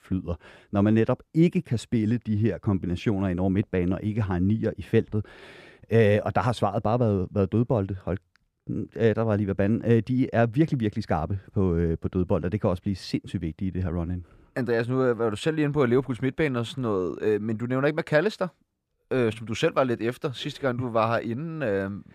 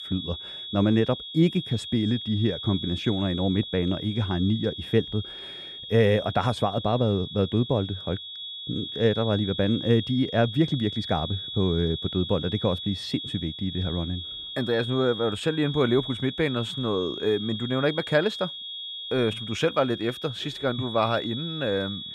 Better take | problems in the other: first | high-pitched whine; loud; throughout; 3.5 kHz, 8 dB below the speech

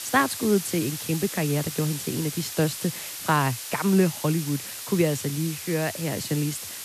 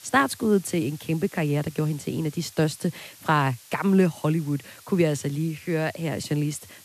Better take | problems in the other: second | hiss; loud; throughout; 7 dB below the speech; faint in the second

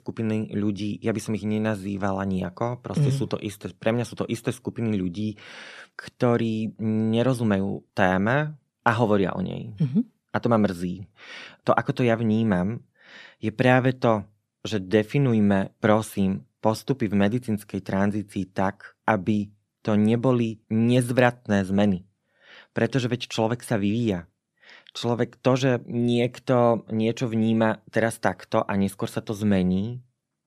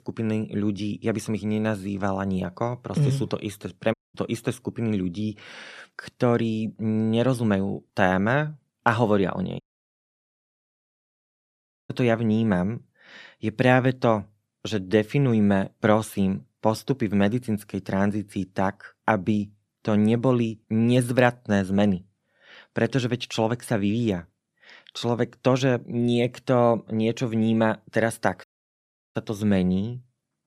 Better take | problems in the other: first | audio cutting out; at 4 s, at 9.5 s for 2.5 s and at 28 s for 0.5 s

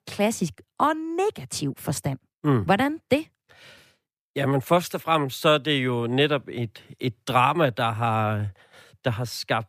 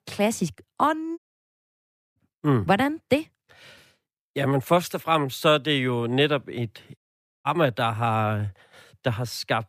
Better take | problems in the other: first | audio cutting out; at 1 s for 1 s and at 7 s

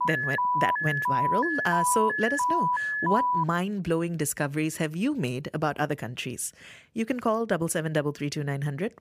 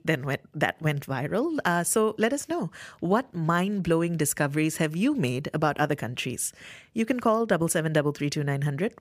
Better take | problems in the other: second | alarm; loud; until 3.5 s; peak 4 dB above the speech

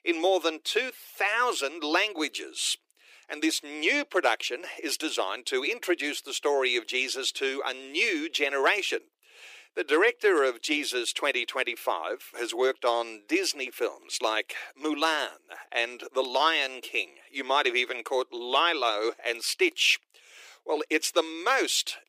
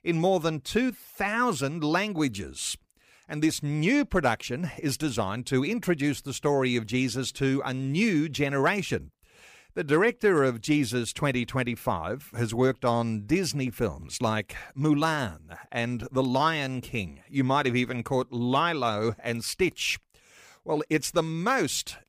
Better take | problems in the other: second | thin; very; fading below 350 Hz

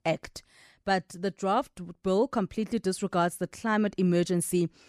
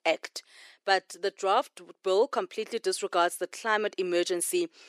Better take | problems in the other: first | thin; very; fading below 400 Hz

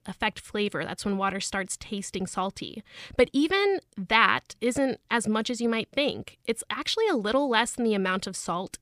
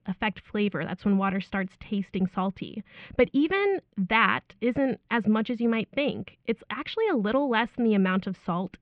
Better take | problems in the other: first | muffled; very; fading above 2.5 kHz

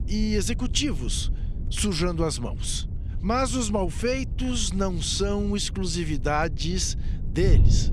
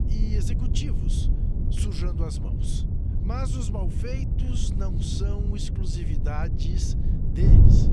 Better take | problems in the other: first | wind noise on the microphone; heavy; as loud as the speech; occasional gusts in the first

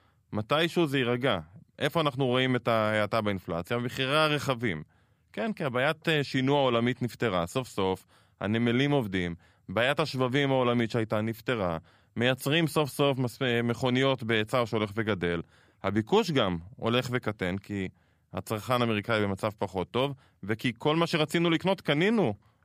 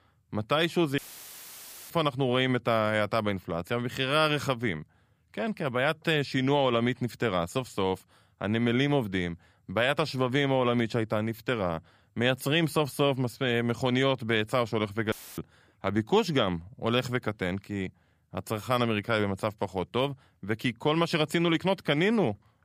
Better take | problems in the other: first | audio cutting out; filled with static; at 1 s for 1 s and at 15 s

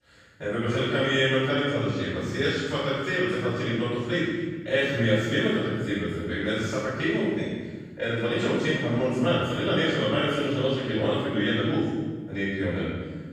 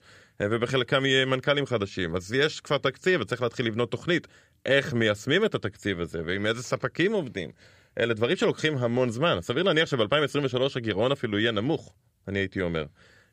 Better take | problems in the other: second | room echo; strong; dies away in 1.5 s // off-mic speech; far

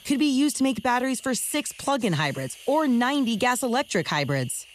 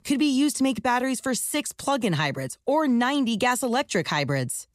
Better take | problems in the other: second | hiss; faint; throughout; 20 dB below the speech

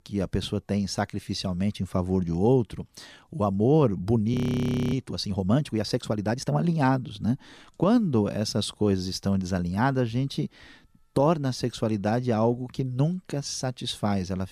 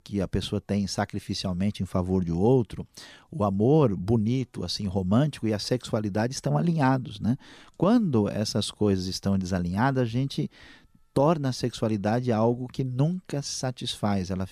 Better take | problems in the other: second | audio freezing; at 4.5 s for 0.5 s

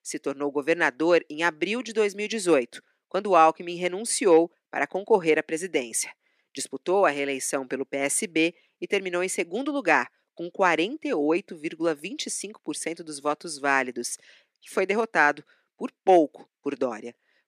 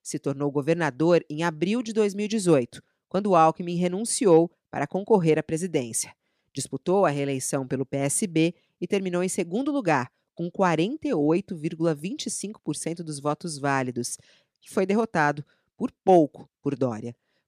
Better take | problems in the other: second | thin; somewhat; fading below 300 Hz

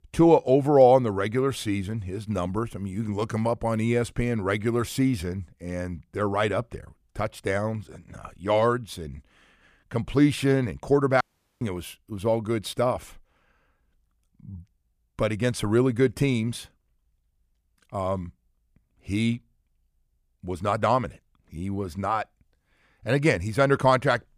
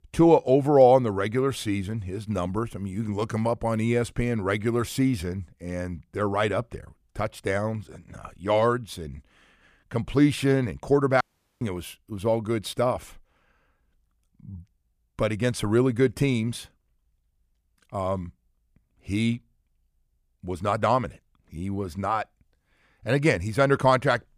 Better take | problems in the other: neither | audio cutting out; at 11 s; the same in both

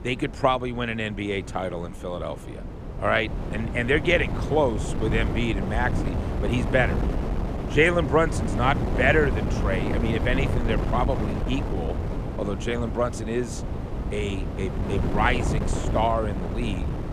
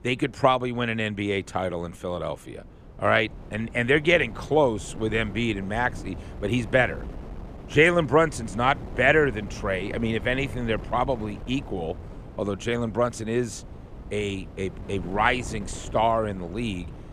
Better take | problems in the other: second | wind noise on the microphone; heavy; 9 dB below the speech; occasional gusts in the second

